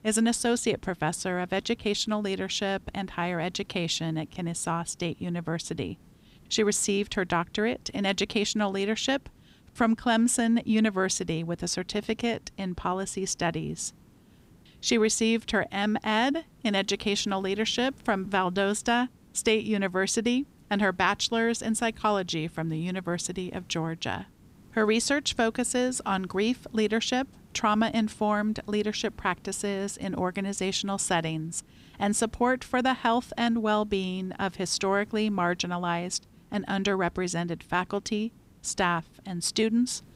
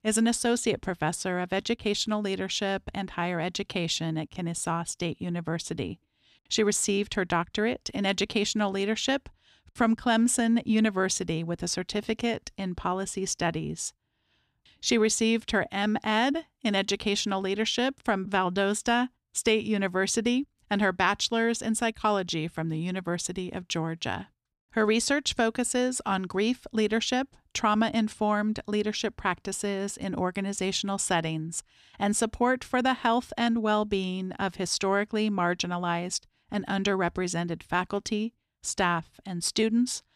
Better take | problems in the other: second | hiss; faint; throughout; 30 dB below the speech

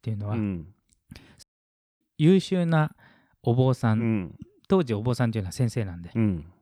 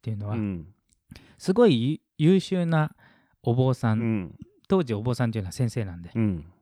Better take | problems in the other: second | audio cutting out; at 1.5 s for 0.5 s

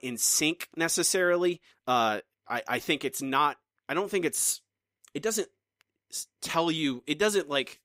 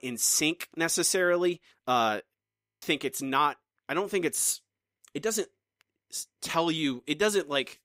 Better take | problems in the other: first | audio freezing; at 2.5 s

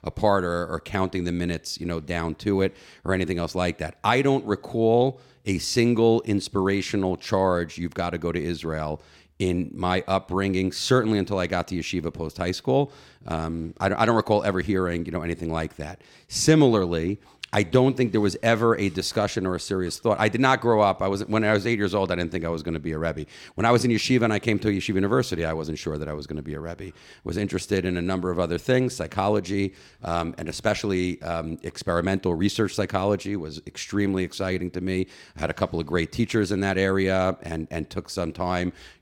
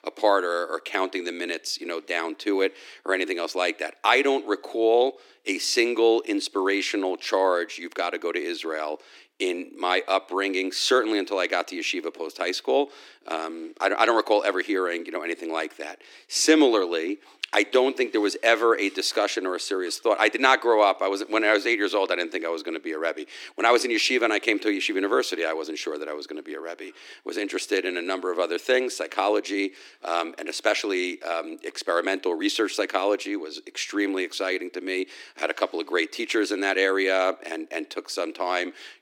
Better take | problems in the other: first | thin; somewhat; fading below 300 Hz

